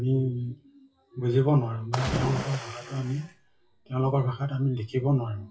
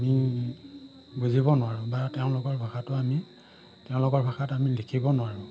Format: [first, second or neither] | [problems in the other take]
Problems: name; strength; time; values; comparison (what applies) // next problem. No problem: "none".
second | noise reduction (classical method WPE with log-MMSE)